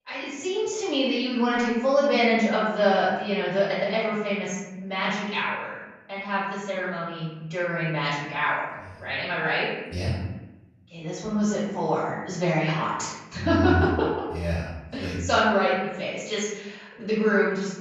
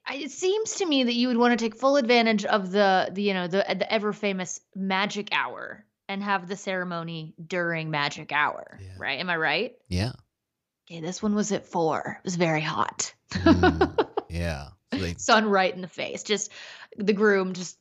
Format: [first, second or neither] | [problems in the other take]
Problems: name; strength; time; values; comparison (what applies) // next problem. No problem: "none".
second | room echo; noticeable; dies away in 1 s // off-mic speech; far